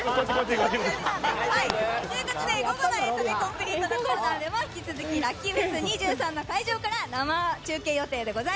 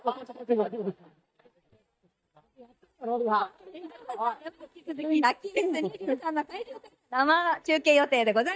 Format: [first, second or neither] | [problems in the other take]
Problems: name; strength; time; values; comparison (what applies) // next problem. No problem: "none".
first | noise reduction (neural mask model DeepFilterNet 3)